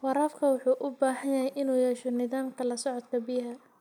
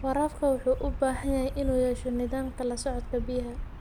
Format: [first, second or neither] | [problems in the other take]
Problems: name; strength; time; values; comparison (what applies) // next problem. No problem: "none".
first | background sound (Bird vocalization, bird call, bird song); 7 dB below the speech